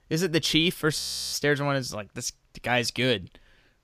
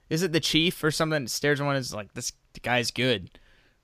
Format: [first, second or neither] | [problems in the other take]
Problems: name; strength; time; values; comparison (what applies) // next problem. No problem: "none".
second | audio freezing; at 1 s